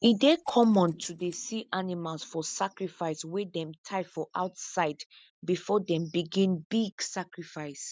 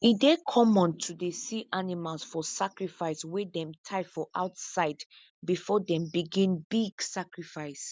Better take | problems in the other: second | noise reduction (neural mask model RNNoise)

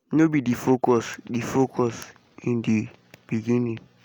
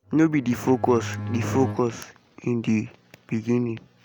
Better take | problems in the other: first | background sound (Bowed string instrument); 8 dB below the speech

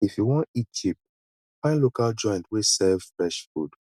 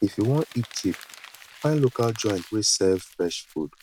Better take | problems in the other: first | background sound (Crumpling, crinkling); 20 dB below the speech

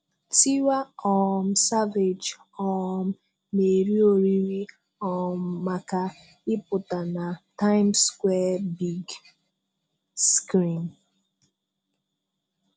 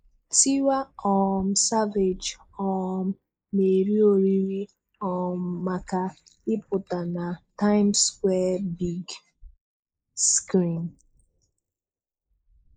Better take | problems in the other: first | noise reduction (neural mask model Resemble Enhance denoiser)

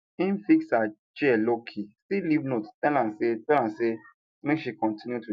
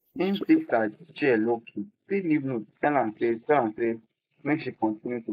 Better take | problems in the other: first | noise reduction (neural mask model Resemble Enhance denoiser)

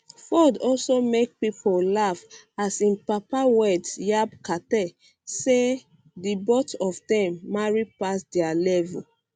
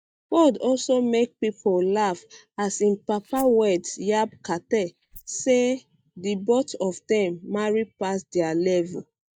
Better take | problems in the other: first | noise reduction (neural mask model DeepFilterNet 3)

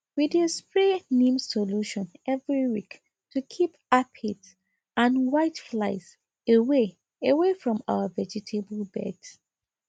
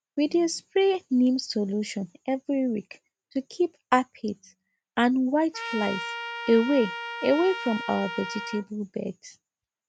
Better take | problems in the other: first | background sound (Trumpet); 9 dB below the speech

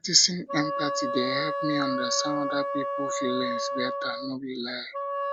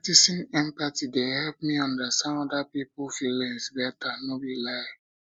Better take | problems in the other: second | background sound (Wind instrument, woodwind instrument); 2 dB below the speech

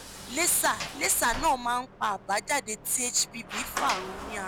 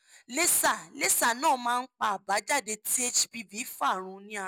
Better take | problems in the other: second | background sound (Sliding door); 10 dB below the speech

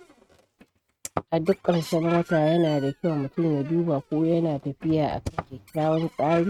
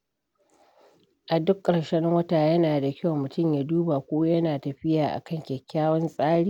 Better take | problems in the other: second | noise reduction (neural mask model RNNoise)

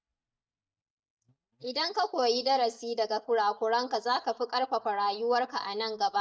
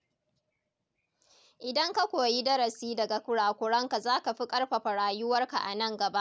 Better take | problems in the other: second | noise reduction (neural mask model DeepFilterNet 3)

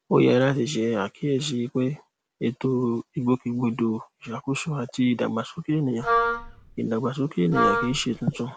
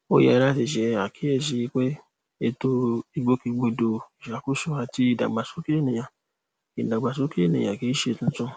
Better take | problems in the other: second | background sound (Wind instrument, woodwind instrument); 1 dB below the speech

